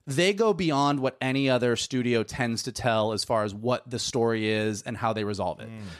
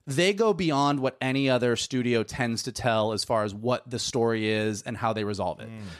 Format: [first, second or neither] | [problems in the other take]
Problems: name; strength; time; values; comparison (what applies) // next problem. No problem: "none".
neither | none